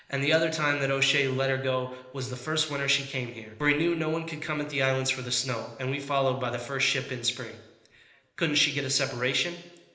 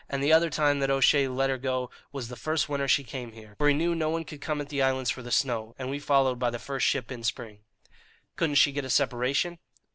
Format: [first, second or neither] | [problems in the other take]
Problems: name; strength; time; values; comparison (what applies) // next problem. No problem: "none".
second | room echo; dies away in 1 s